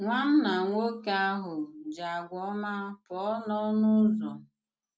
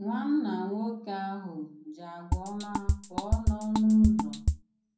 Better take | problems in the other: first | background sound (Drum kit); 1 dB above the speech // room echo; dies away in 0.5 s

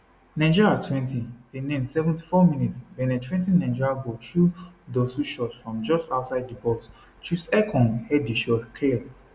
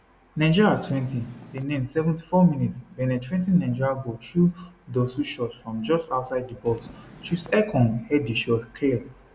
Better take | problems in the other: first | background sound (Purr); 19 dB below the speech

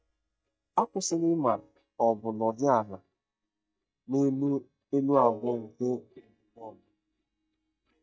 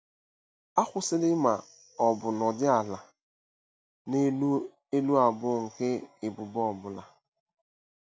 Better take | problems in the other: second | noise reduction (neural mask model DeepFilterNet 3)

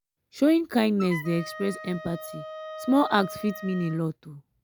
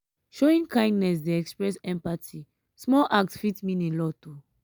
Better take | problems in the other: second | background sound (Wind instrument, woodwind instrument); 13 dB below the speech

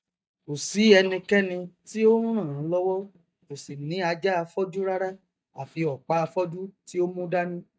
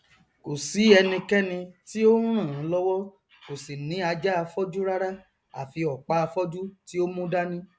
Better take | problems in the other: second | noise reduction (neural mask model DeepFilterNet 3)

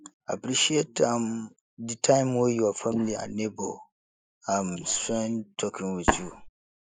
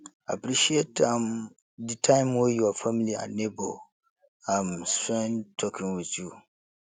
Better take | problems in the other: second | noise reduction (neural mask model Resemble Enhance denoiser)

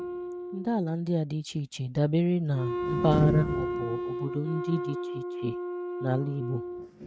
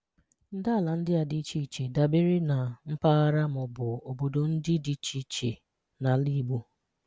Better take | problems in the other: second | noise reduction (neural mask model RNNoise)

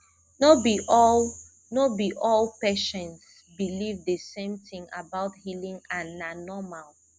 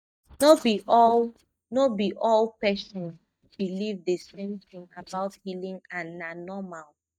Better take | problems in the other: first | noise reduction (neural mask model DeepFilterNet 3)

